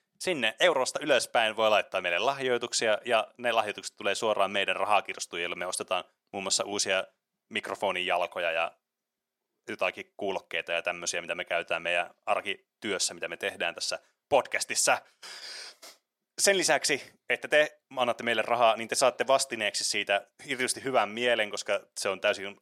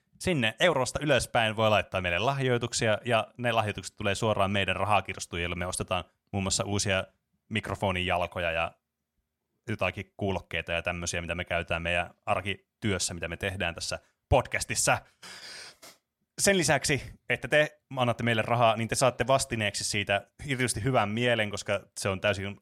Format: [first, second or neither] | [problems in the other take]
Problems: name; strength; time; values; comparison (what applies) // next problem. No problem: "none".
second | thin; somewhat; fading below 400 Hz